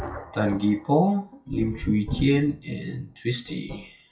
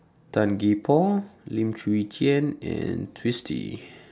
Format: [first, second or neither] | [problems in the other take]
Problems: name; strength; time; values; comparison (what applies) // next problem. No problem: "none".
second | noise reduction (classical method WPE with log-MMSE)